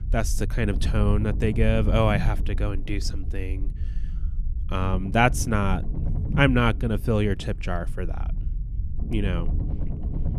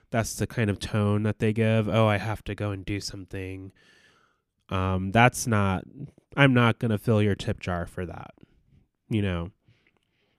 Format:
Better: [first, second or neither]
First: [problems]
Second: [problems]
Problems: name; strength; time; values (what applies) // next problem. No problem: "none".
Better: second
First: low rumble; noticeable; throughout; 15 dB below the speech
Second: none